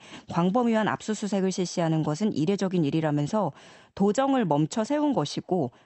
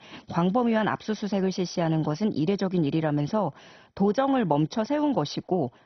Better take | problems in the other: first | garbled, watery; badly; nothing above 6 kHz; slightly in the first

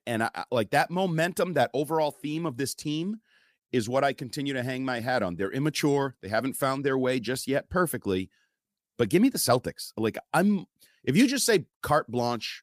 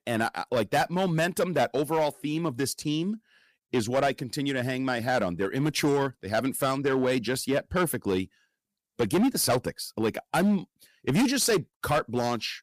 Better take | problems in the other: first | distortion; slight; 7% of the sound clipped

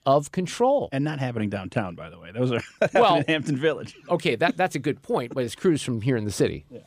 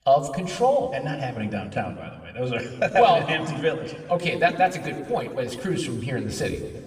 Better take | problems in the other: first | room echo; noticeable; dies away in 1.4 s // off-mic speech; somewhat distant

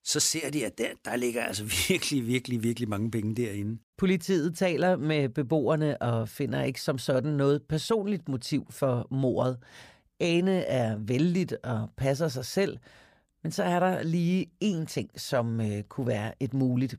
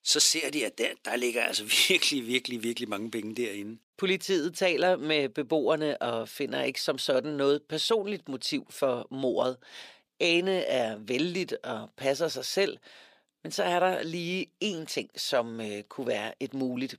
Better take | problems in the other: first | thin; somewhat; fading below 350 Hz

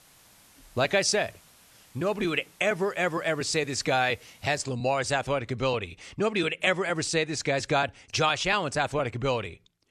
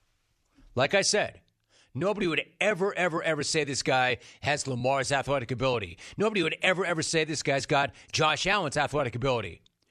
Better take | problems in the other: second | hiss; faint; until 4.5 s; 30 dB below the speech

